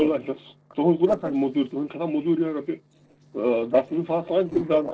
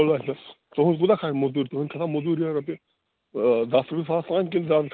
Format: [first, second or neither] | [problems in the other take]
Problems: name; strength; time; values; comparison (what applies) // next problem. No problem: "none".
second | noise reduction (neural separator model SepFormer DNS4)